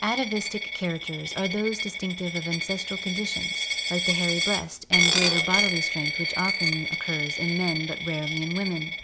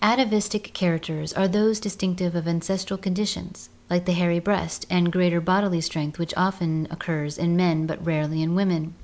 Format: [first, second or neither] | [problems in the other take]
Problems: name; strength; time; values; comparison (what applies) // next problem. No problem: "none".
second | background sound (Coin (dropping)); 2 dB above the speech